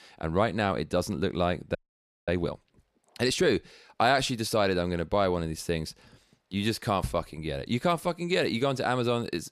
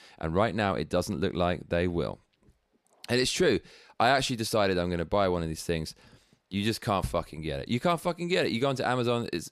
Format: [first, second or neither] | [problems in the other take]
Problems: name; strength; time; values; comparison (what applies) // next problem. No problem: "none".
second | audio freezing; at 2 s for 0.5 s